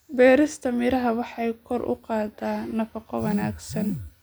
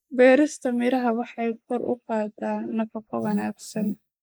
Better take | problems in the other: first | noise reduction (neural mask model Resemble Enhance denoiser)

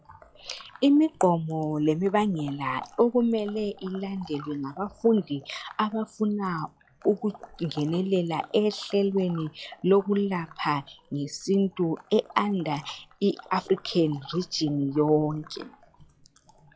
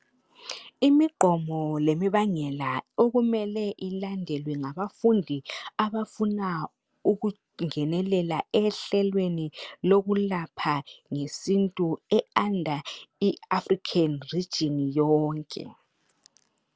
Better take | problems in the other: second | noise reduction (classical method log-MMSE)

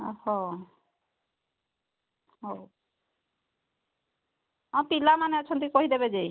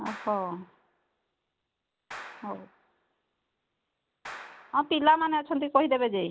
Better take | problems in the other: first | background sound (Clapping); 19 dB below the speech

